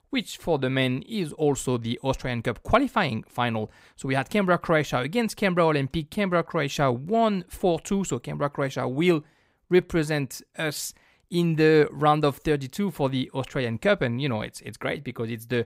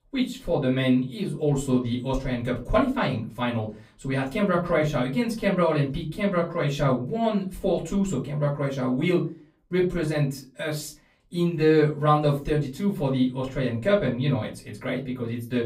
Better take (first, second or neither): first